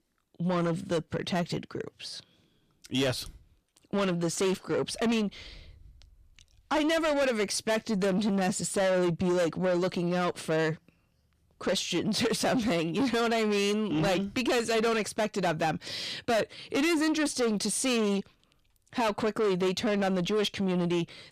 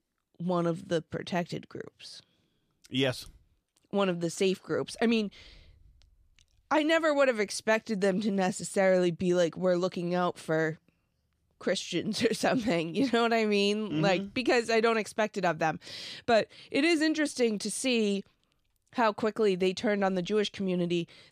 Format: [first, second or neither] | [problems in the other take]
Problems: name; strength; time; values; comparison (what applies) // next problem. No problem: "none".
second | distortion; heavy; 8 dB below the speech